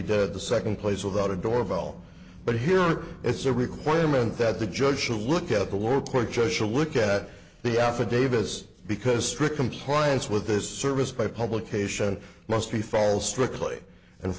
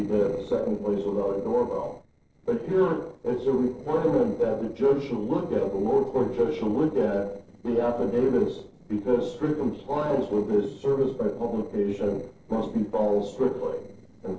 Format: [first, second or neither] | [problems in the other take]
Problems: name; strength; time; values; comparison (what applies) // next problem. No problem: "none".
first | noise reduction (neural separator model SepFormer DNS4)